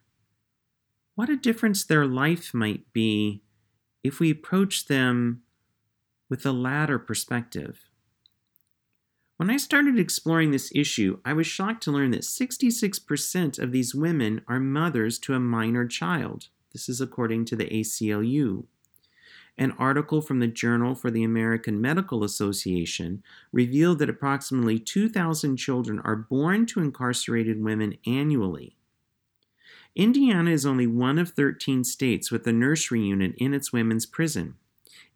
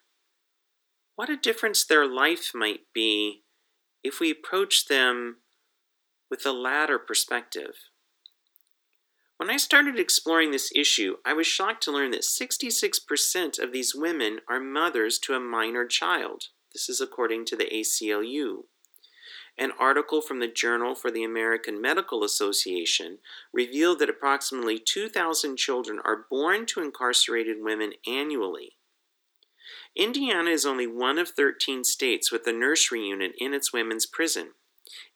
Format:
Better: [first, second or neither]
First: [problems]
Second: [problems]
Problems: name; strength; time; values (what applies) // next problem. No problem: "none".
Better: first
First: none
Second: thin; very; fading below 350 Hz